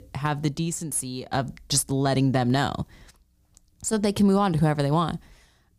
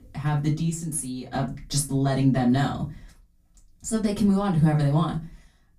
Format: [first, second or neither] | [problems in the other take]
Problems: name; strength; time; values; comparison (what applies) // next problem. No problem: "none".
first | off-mic speech; far // room echo; very slight; dies away in 0.2 s